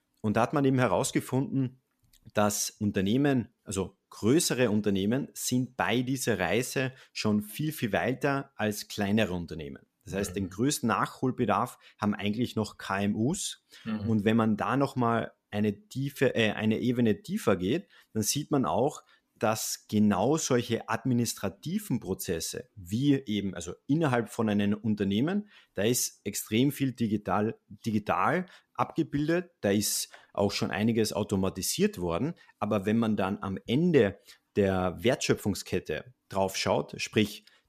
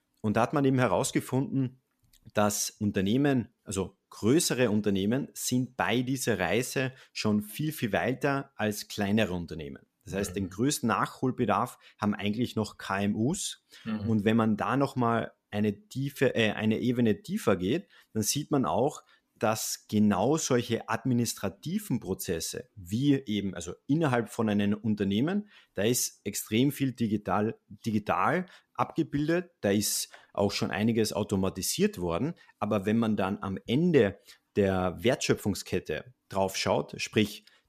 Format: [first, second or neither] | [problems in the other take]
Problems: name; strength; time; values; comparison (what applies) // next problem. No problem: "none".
neither | none